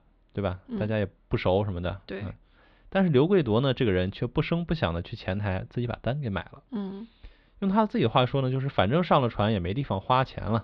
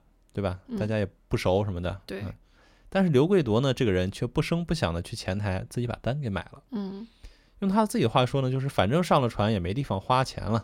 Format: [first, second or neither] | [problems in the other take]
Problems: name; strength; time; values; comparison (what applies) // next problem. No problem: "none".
second | muffled; slightly; fading above 4 kHz